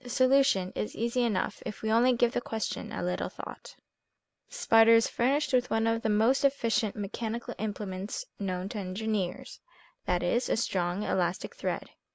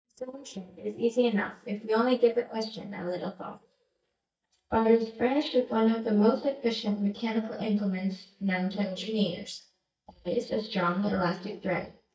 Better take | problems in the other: first | noise reduction (neural mask model DeepFilterNet 3)

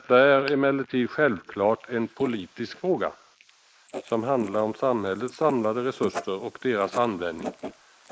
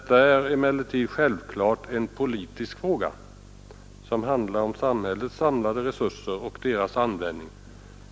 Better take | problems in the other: second | noise reduction (neural mask model Resemble Enhance denoiser)

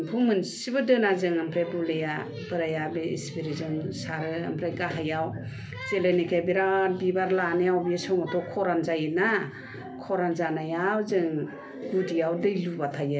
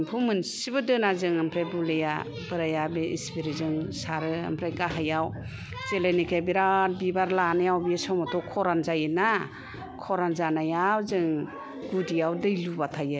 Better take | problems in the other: second | room echo; dies away in 0.3 s

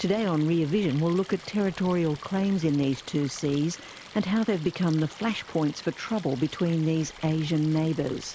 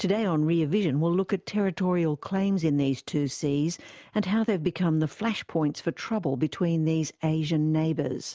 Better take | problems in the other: second | background sound (Stream); 19 dB below the speech

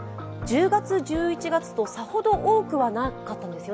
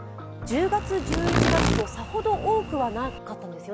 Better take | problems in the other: first | background sound (Insect); 1 dB above the speech

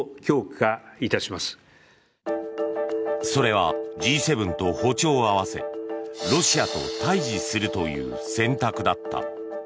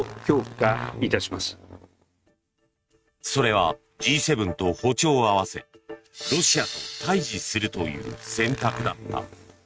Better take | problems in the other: first | noise reduction (neural mask model RNNoise)

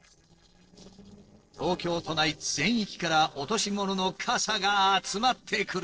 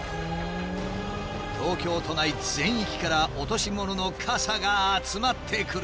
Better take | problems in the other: second | noise reduction (neural separator model SepFormer DNS4)

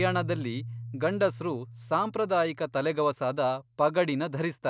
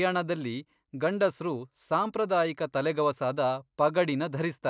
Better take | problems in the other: second | background sound (Keyboard (musical)); 13 dB below the speech

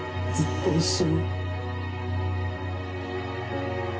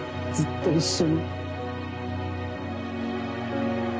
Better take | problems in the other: second | background sound (Breathing); 14 dB below the speech // room echo; dies away in 0.2 s

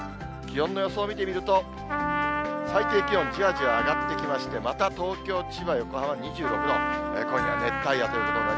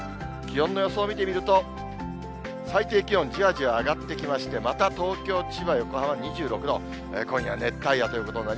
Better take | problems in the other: second | background sound (Trumpet); 3 dB below the speech

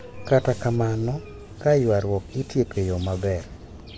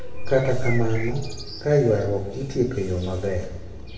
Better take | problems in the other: first | background sound (Bird); 15 dB below the speech // room echo; dies away in 0.8 s

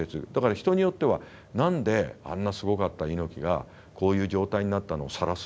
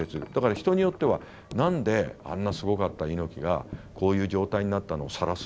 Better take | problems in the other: first | background sound (Wind chime); 18 dB below the speech

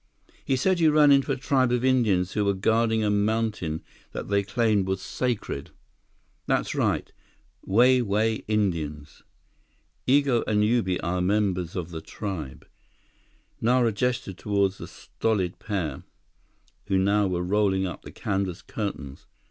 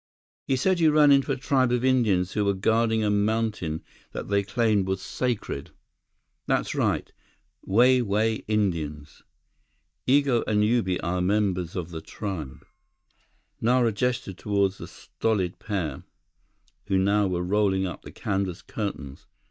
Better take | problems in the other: first | noise reduction (neural mask model DeepFilterNet 3)

